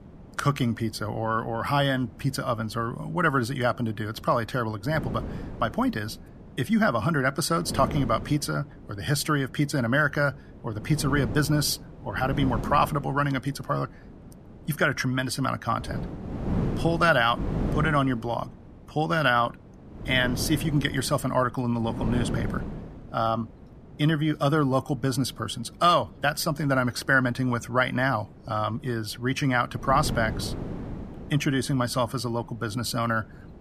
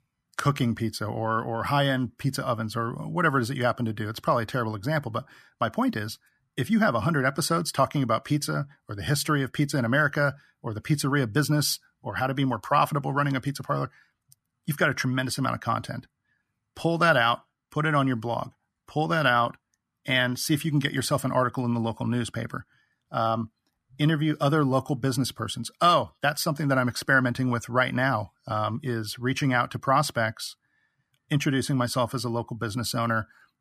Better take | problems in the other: second | wind noise on the microphone; occasional gusts; 15 dB below the speech

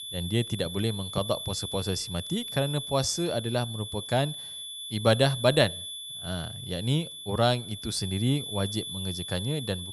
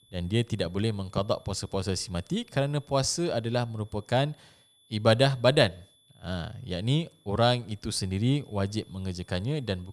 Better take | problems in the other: second | high-pitched whine; loud; throughout; 3.5 kHz, 7 dB below the speech; faint in the second

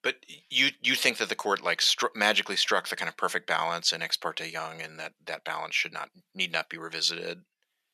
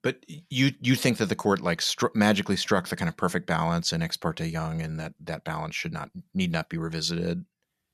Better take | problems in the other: second | thin; very; fading below 500 Hz

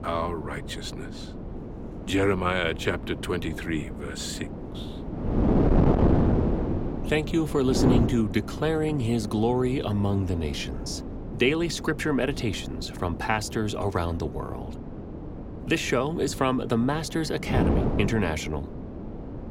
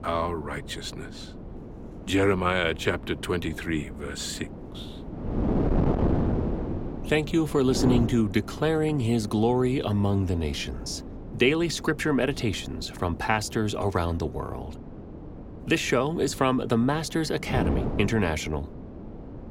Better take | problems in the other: second | wind noise on the microphone; heavy; 7 dB below the speech; occasional gusts in the second

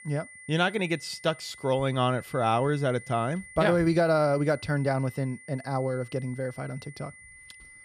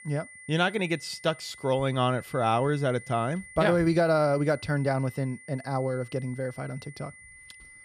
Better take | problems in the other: neither | high-pitched whine; noticeable; throughout; 2 kHz, 20 dB below the speech; the same in both

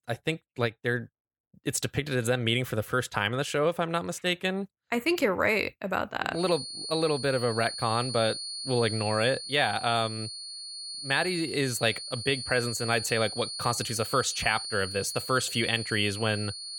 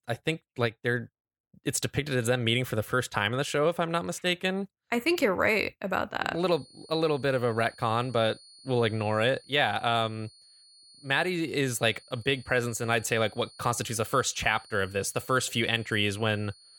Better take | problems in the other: second | high-pitched whine; loud; from 6.5 s on; 4.5 kHz, 7 dB below the speech; faint in the second

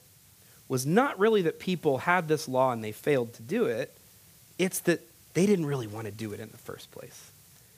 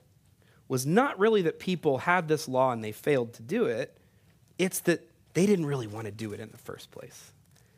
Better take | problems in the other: second | hiss; faint; throughout; 25 dB below the speech

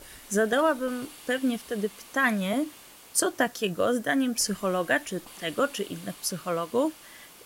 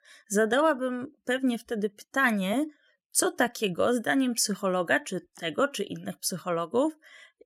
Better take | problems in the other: second | hiss; noticeable; throughout; 20 dB below the speech

